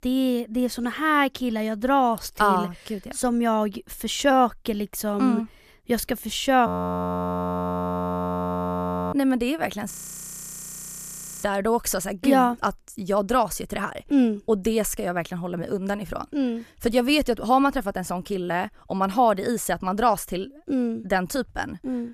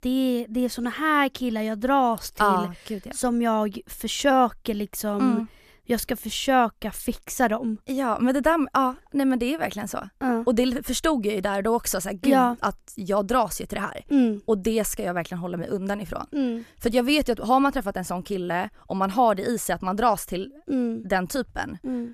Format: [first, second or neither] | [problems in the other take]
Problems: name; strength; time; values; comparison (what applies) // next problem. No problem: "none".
second | audio freezing; at 6.5 s for 2.5 s and at 10 s for 1.5 s